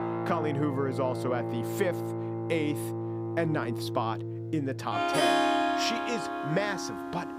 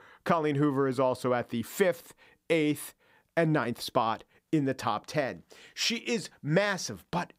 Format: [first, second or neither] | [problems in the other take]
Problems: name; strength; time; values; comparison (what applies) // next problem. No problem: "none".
second | background music; very loud; throughout; 1 dB above the speech